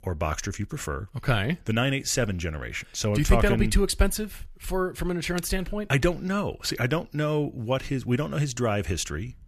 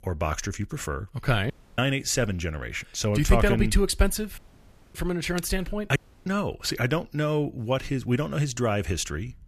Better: first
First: none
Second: audio cutting out; at 1.5 s, at 4.5 s for 0.5 s and at 6 s

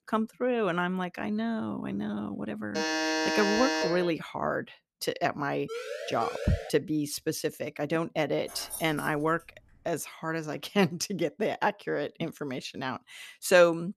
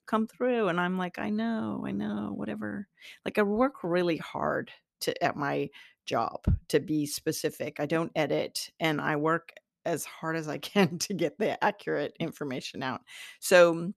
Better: second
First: alarm; loud; from 2.5 to 4 s; peak 3 dB above the speech // siren; noticeable; from 5.5 to 6.5 s; peak 7 dB below the speech // jangling keys; noticeable; at 8.5 s; peak 9 dB below the speech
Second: none

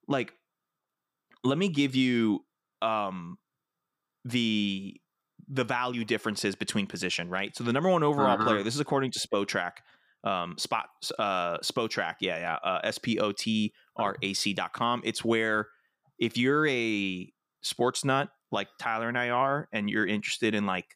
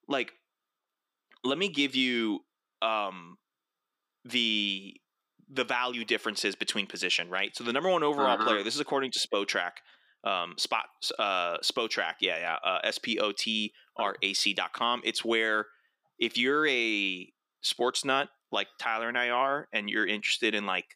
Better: first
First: none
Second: thin; very slightly; fading below 350 Hz

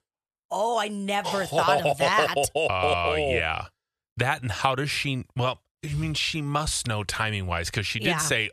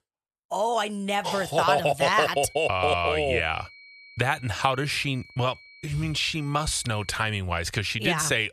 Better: first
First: none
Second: high-pitched whine; faint; from 2.5 to 7 s; 2.5 kHz, 20 dB below the speech

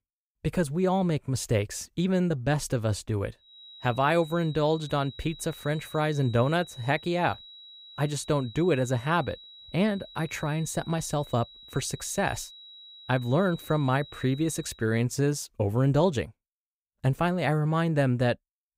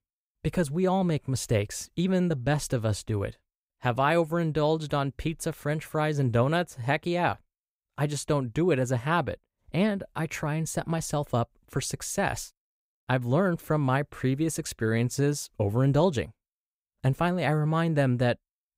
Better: second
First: high-pitched whine; noticeable; from 3.5 to 15 s; 4 kHz, 20 dB below the speech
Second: none

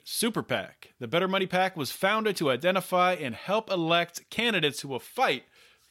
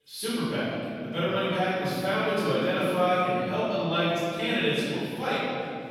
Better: first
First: none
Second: off-mic speech; far // room echo; strong; dies away in 3 s

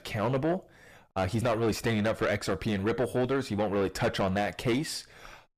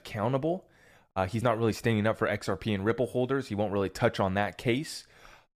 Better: second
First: distortion; heavy; 6 dB below the speech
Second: none

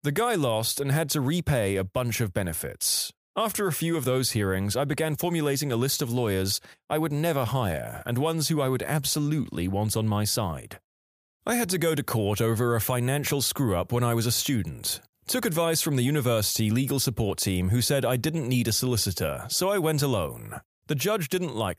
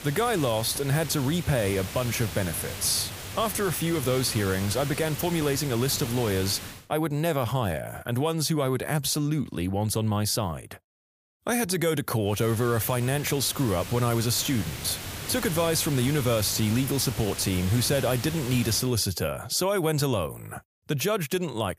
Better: first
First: none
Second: hiss; loud; until 7 s and from 12 to 19 s; 10 dB below the speech

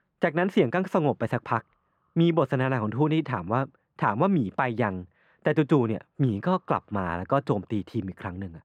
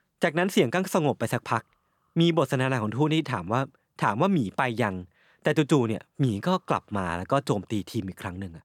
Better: second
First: muffled; very; fading above 3.5 kHz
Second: none

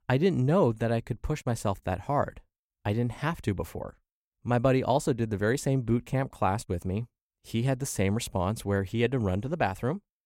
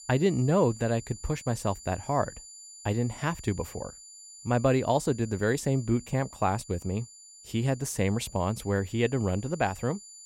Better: first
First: none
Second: high-pitched whine; noticeable; throughout; 7 kHz, 15 dB below the speech

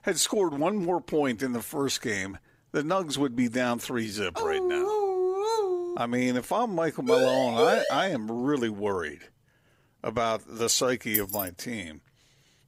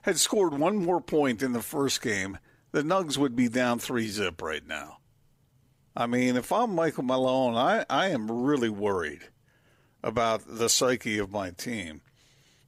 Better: second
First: dog barking; loud; from 4.5 to 6 s; peak 2 dB above the speech // siren; loud; at 7 s; peak 3 dB above the speech // jangling keys; noticeable; at 11 s; peak level with the speech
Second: none

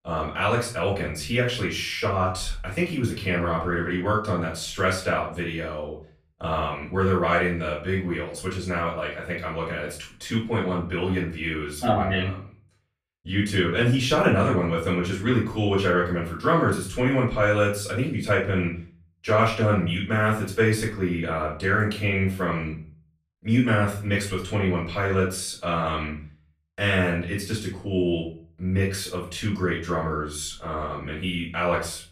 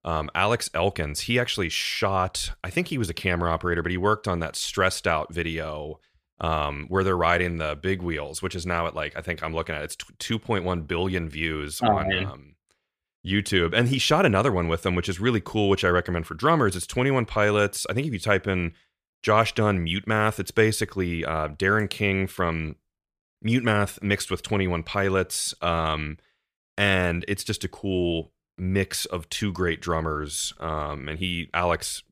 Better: second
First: off-mic speech; far // room echo; slight; dies away in 0.4 s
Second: none

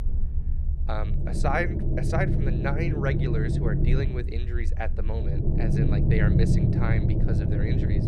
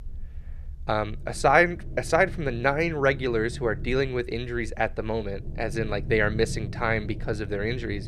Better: second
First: low rumble; loud; throughout; 2 dB below the speech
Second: low rumble; faint; throughout; 20 dB below the speech

